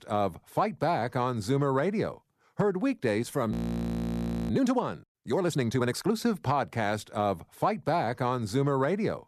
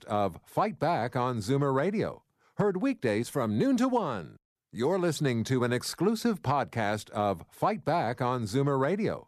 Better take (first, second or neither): second